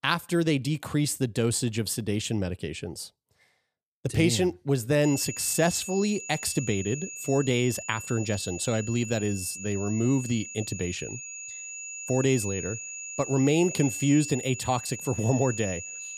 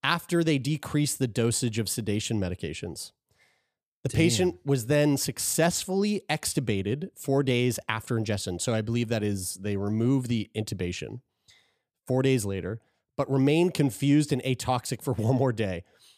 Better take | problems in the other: second | high-pitched whine; loud; from 5 s on; 7 kHz, 9 dB below the speech

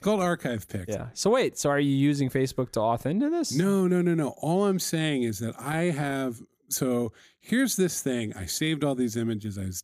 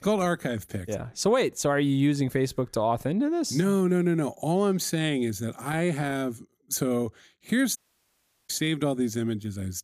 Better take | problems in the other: first | audio cutting out; at 8 s for 0.5 s

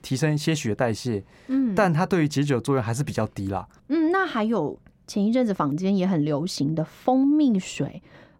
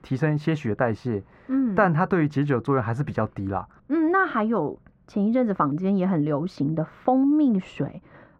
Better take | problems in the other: first | muffled; very; fading above 3.5 kHz

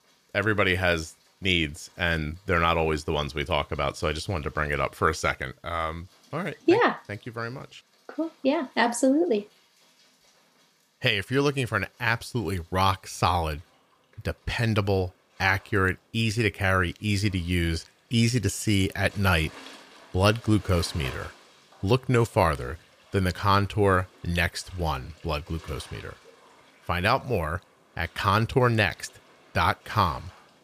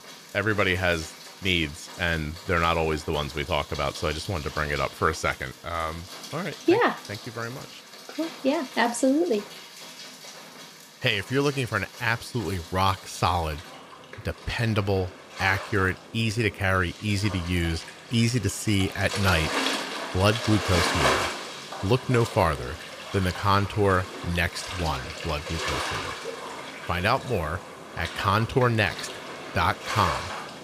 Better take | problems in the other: first | rain or running water; loud; throughout; 8 dB below the speech; faint in the first

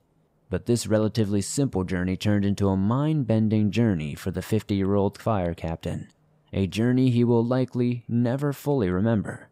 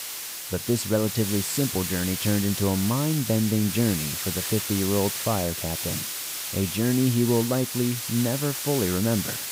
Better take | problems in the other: first | hiss; loud; throughout; 3 dB below the speech

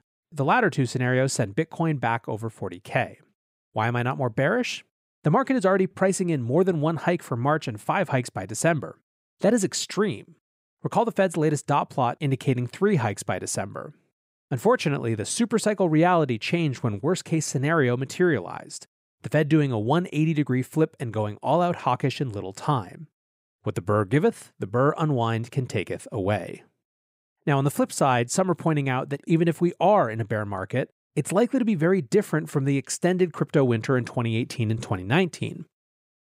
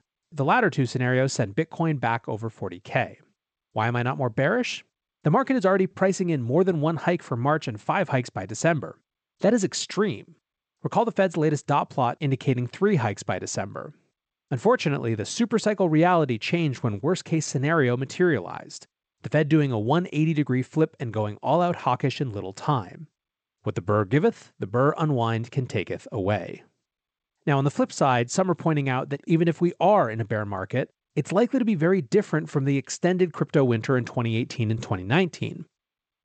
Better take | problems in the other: first | garbled, watery; slightly; nothing above 8 kHz

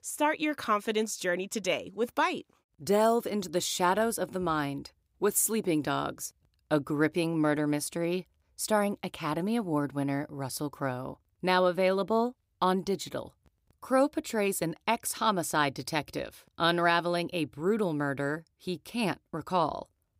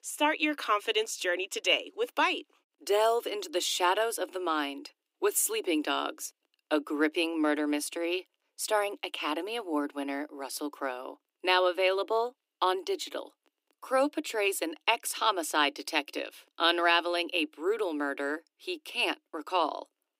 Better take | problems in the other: first | thin; very slightly; fading below 300 Hz

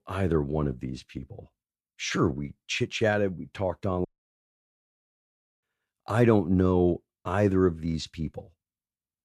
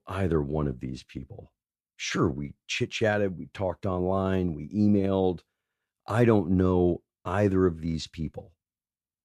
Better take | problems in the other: second | audio cutting out; at 4 s for 1.5 s

